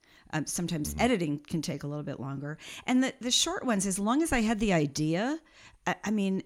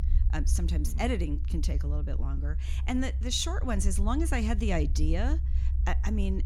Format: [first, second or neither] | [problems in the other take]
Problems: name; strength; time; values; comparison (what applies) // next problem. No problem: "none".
first | low rumble; noticeable; throughout; 15 dB below the speech